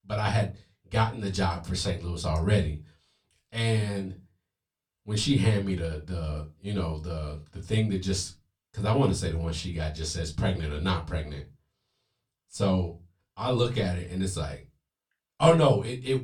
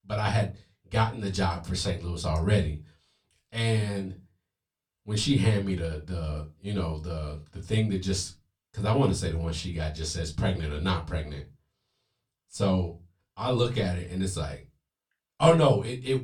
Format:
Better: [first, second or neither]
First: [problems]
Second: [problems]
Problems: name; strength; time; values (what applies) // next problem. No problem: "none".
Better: neither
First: off-mic speech; far // room echo; very slight; dies away in 0.2 s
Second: off-mic speech; far // room echo; very slight; dies away in 0.2 s